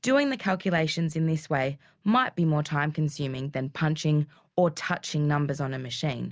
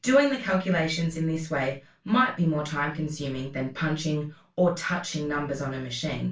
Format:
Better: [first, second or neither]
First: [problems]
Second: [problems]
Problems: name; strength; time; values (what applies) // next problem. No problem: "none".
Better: first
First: none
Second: room echo; dies away in 0.3 s